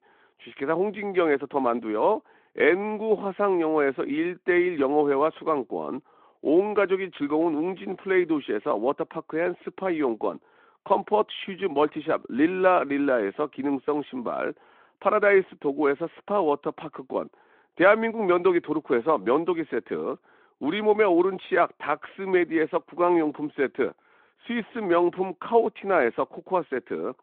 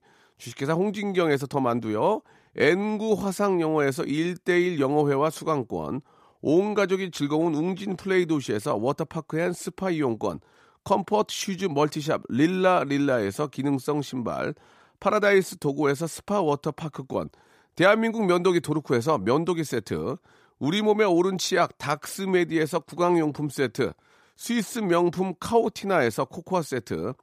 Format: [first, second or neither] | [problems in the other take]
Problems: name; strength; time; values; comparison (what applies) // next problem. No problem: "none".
second | phone-call audio